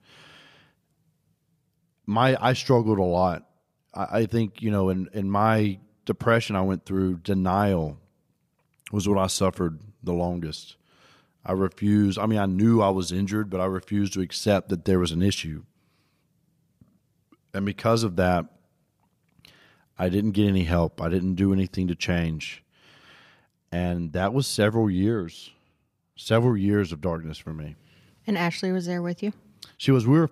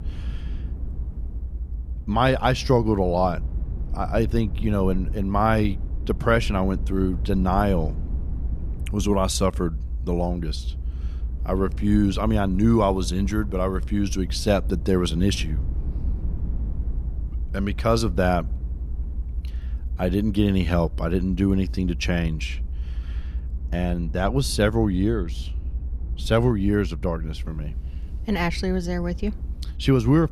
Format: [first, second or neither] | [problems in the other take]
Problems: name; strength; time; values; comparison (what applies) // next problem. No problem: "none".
first | low rumble; faint; throughout; 20 dB below the speech